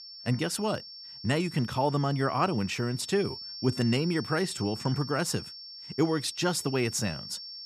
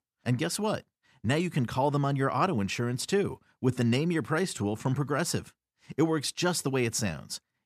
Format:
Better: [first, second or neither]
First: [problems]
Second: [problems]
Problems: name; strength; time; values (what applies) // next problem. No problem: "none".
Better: second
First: high-pitched whine; noticeable; throughout; 5.5 kHz, 10 dB below the speech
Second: none